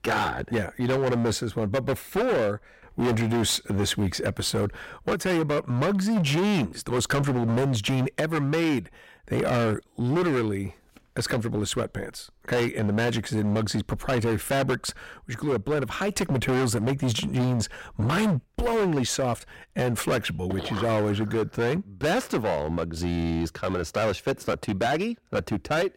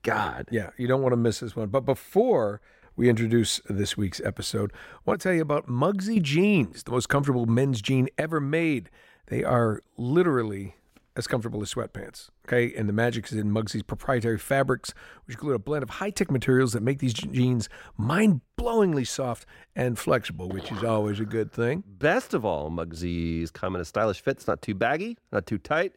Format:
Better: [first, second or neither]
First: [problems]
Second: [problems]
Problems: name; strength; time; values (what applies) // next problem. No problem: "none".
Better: second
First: distortion; heavy; 20% of the sound clipped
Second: none